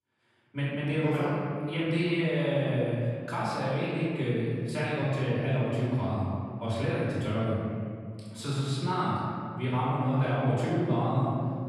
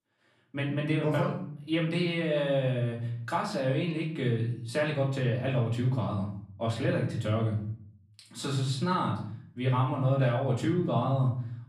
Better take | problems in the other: second | room echo; strong; dies away in 2.2 s; slight in the second // off-mic speech; far; far in the second

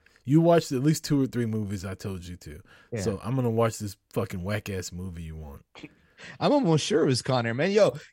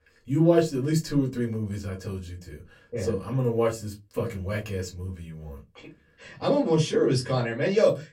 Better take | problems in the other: first | off-mic speech; far // room echo; very slight; dies away in 0.2 s

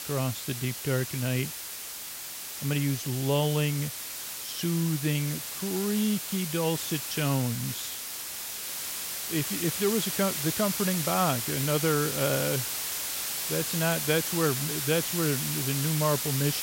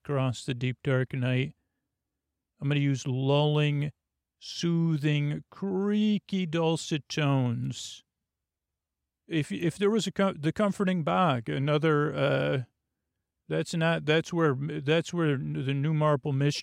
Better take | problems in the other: second | hiss; loud; throughout; 2 dB below the speech

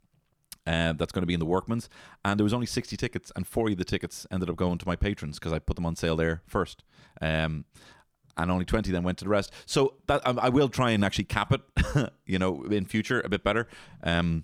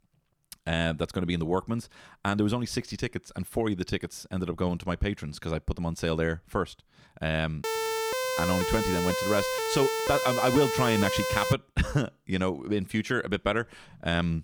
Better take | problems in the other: first | siren; loud; from 7.5 to 12 s; peak level with the speech

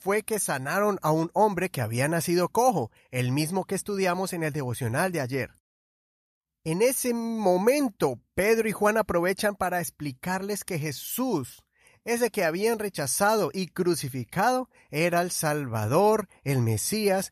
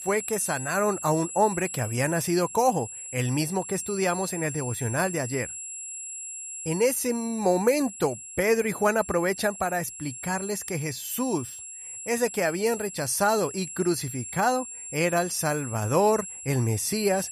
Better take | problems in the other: first | high-pitched whine; loud; throughout; 7.5 kHz, 9 dB below the speech

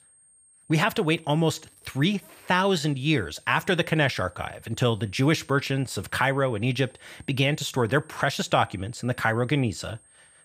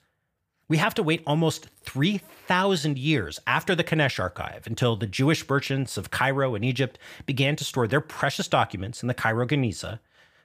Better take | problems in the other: second | high-pitched whine; faint; throughout; 8.5 kHz, 30 dB below the speech

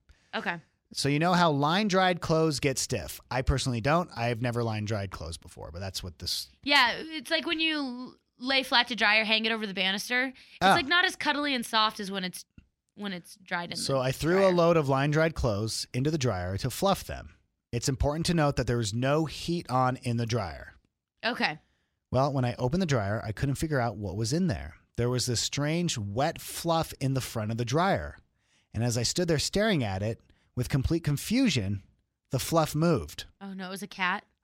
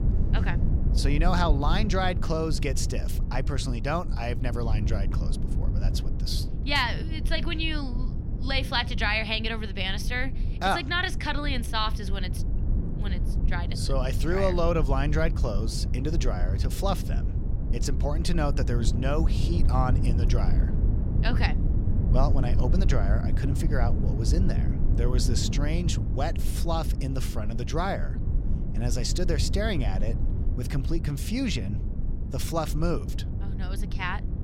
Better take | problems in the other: first | low rumble; noticeable; throughout; 10 dB below the speech

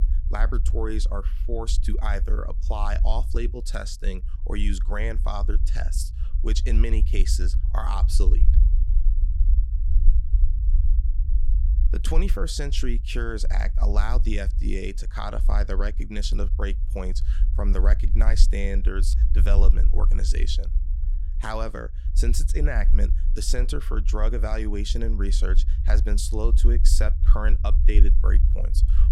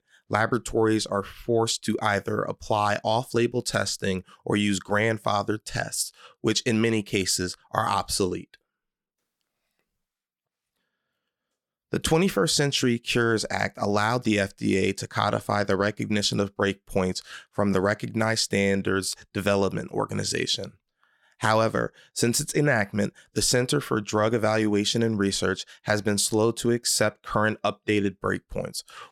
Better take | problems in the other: second | low rumble; noticeable; throughout; 15 dB below the speech

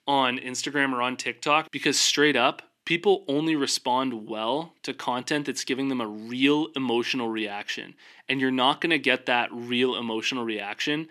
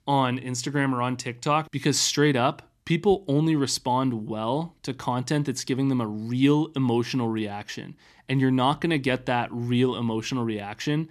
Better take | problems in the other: second | thin; very slightly; fading below 350 Hz

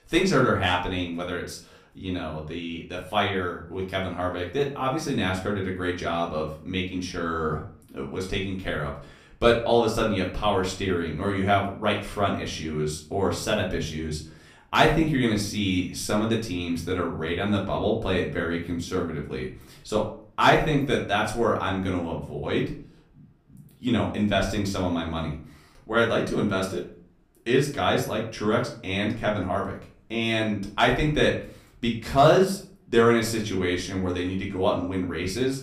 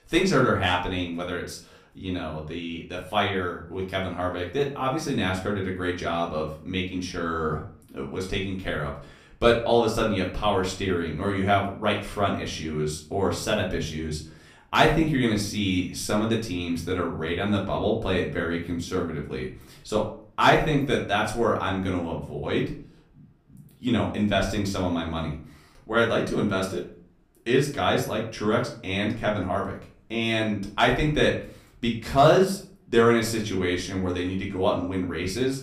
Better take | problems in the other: neither | room echo; slight; dies away in 0.4 s; the same in both // off-mic speech; far; the same in both

